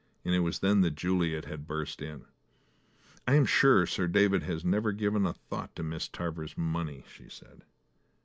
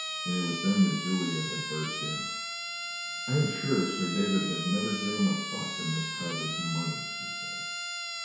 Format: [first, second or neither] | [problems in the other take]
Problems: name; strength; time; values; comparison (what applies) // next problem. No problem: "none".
first | background sound (Siren); 4 dB below the speech // room echo; dies away in 1 s